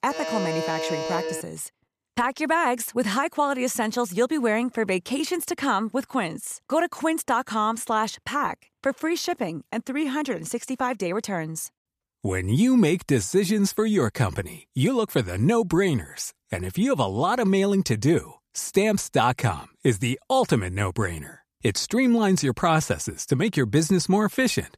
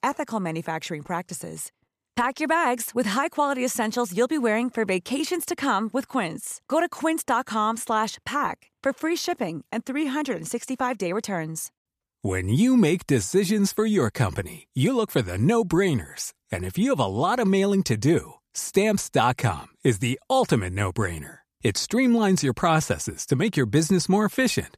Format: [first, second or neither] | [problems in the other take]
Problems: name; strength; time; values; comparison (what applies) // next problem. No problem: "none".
second | alarm; noticeable; until 1.5 s; peak 4 dB below the speech